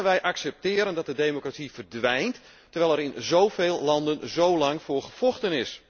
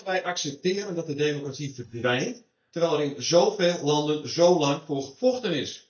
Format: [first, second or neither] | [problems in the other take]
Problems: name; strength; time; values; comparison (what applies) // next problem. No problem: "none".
first | noise reduction (neural mask model DeepFilterNet 3)